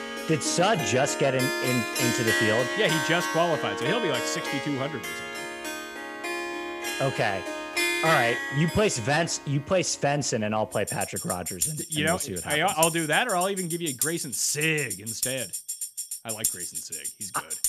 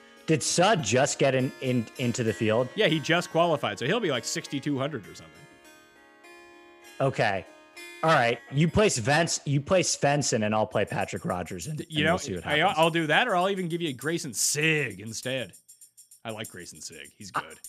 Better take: second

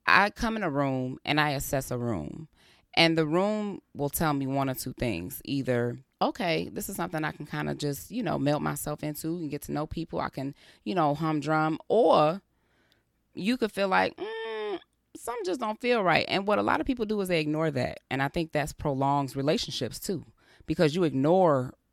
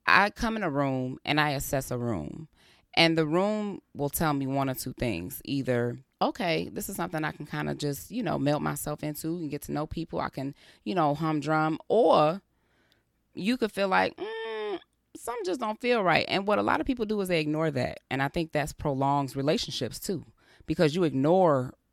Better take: neither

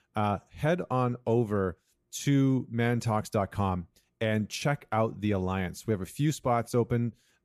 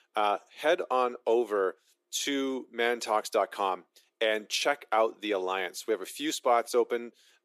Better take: first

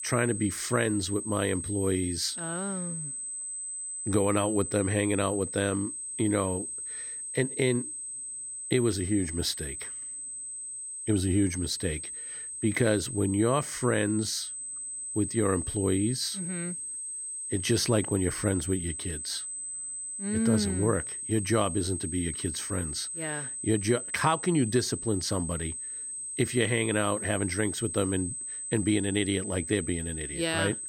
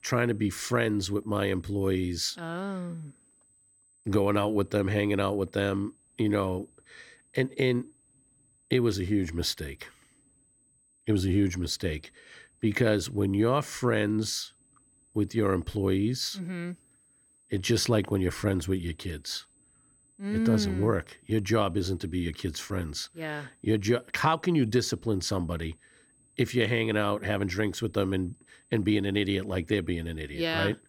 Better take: second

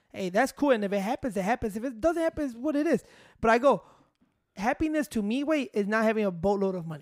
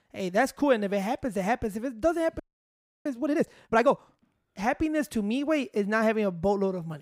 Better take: first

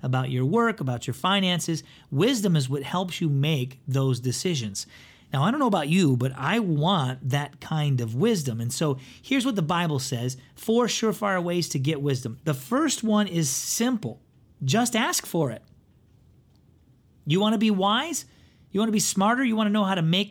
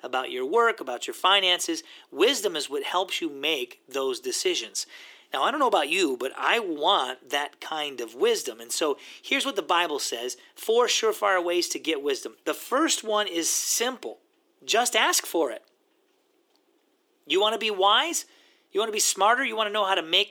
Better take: first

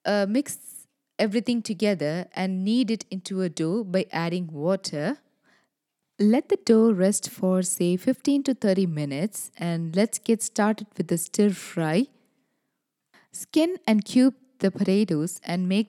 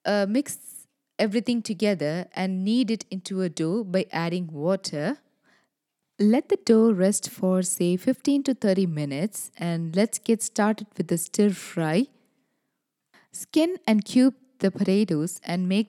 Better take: neither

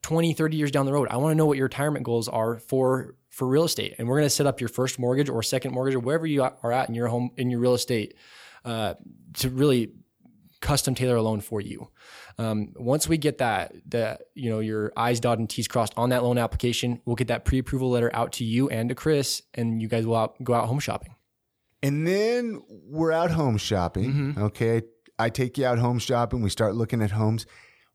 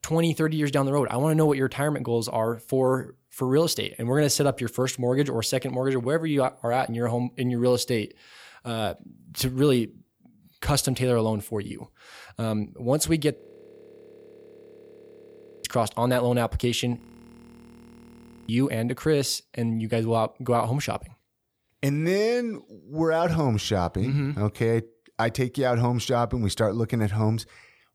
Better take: first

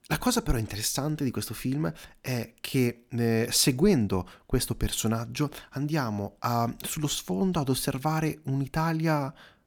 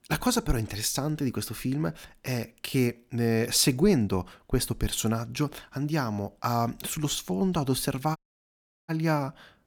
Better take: first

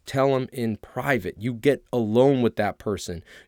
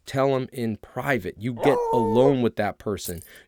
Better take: first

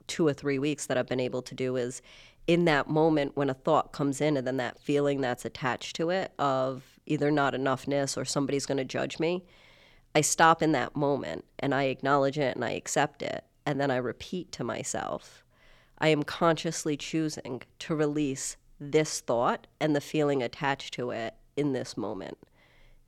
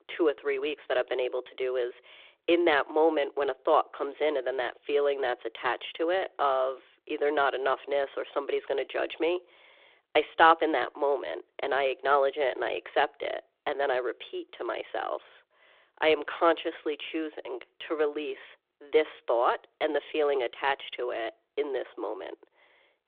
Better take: first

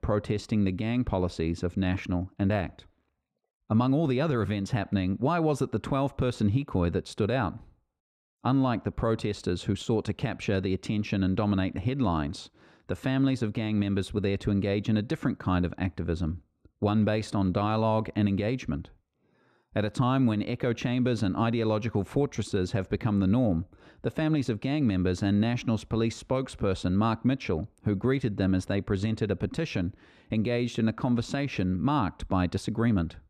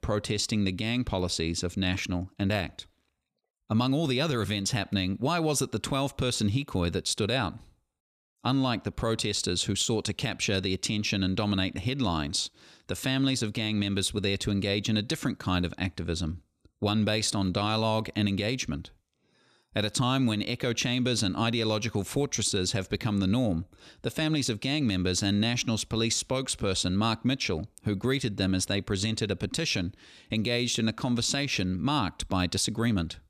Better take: second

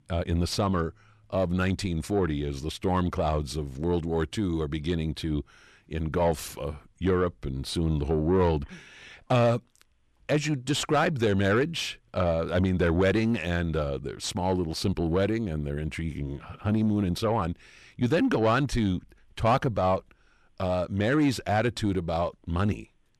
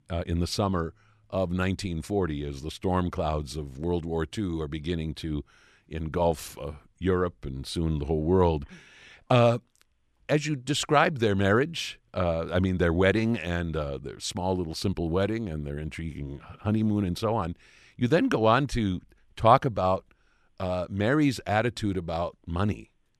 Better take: second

